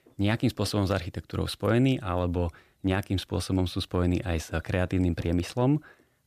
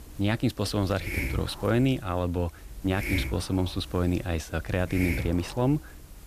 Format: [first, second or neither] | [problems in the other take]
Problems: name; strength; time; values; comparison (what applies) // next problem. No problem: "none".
first | hiss; loud; throughout; 8 dB below the speech